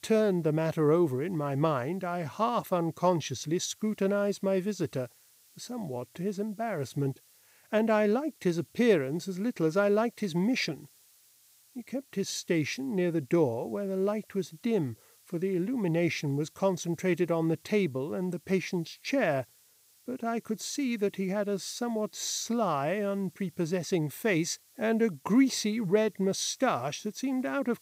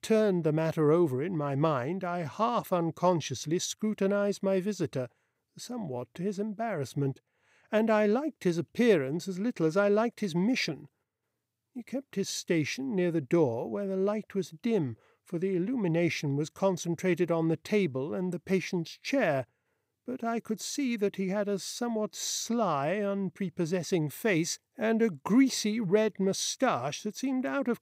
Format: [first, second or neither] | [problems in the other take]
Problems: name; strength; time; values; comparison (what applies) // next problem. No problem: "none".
second | hiss; faint; throughout; 30 dB below the speech